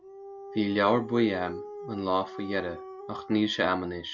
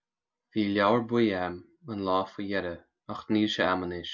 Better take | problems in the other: second | background sound (Dog); 13 dB below the speech

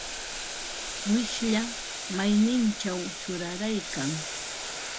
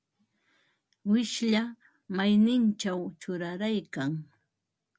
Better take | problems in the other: second | background sound (Boiling); 6 dB below the speech

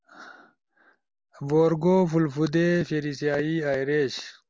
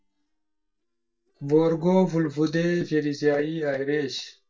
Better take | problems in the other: first | noise reduction (neural mask model DeepFilterNet 3)

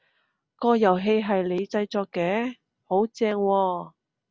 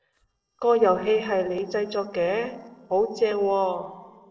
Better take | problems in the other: first | noise reduction (neural separator model SepFormer DNS4)

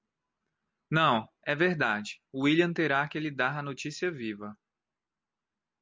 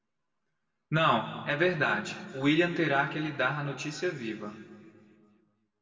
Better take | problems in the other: first | room echo; dies away in 2 s

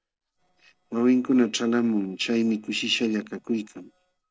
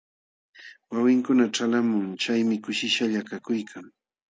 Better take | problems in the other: second | noise reduction (neural separator model SepFormer DNS4)

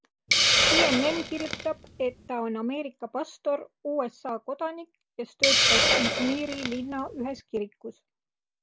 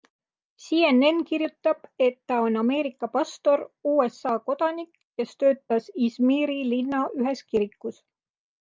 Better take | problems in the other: second | background sound (Hiss); 3 dB above the speech

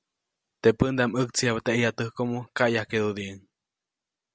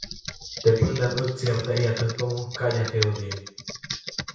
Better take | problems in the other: first | background sound (Computer keyboard); 10 dB below the speech // room echo; dies away in 0.6 s

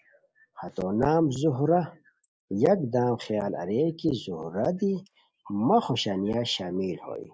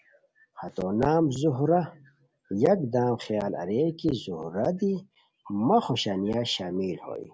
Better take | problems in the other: second | noise reduction (neural mask model Resemble Enhance denoiser)

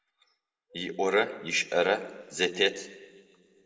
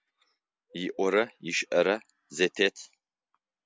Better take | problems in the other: second | room echo; dies away in 1 s

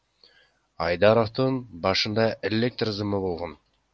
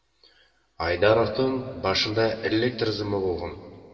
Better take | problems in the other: first | room echo; dies away in 1.6 s

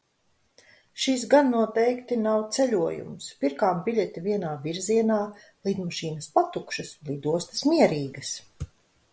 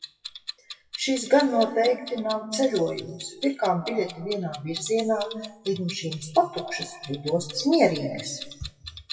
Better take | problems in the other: first | noise reduction (classical method WPE with log-MMSE)

